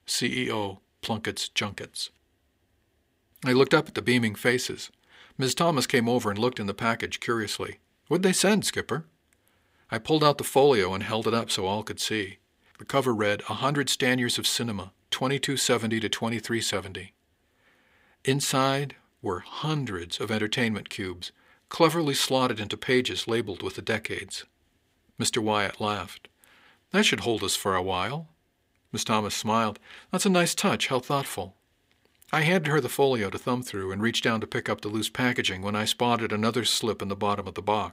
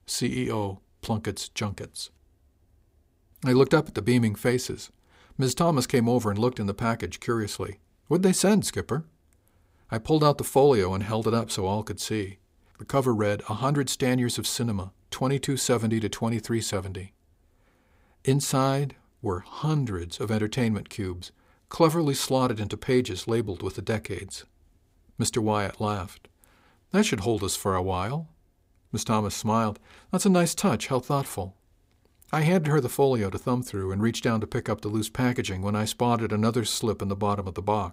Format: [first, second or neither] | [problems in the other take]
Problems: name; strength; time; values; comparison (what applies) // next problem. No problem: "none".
second | thin; very slightly; fading below 400 Hz